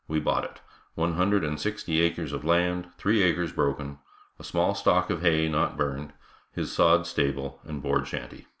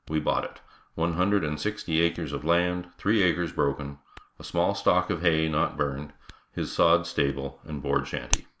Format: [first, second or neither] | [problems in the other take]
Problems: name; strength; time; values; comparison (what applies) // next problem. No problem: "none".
first | background sound (Hands); 14 dB below the speech